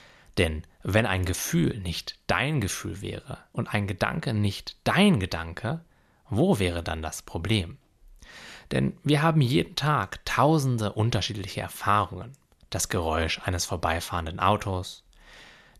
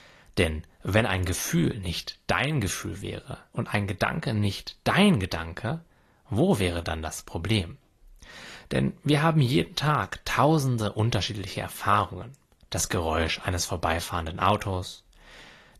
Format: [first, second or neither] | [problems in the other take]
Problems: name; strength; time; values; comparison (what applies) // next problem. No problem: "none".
first | garbled, watery; slightly; nothing above 13.5 kHz